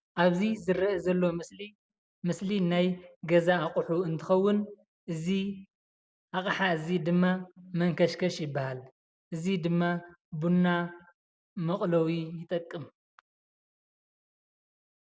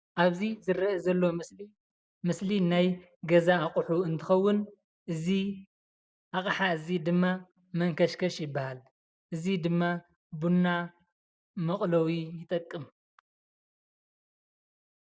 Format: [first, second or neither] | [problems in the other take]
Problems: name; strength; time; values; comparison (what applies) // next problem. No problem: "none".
first | noise reduction (neural mask model DeepFilterNet 3)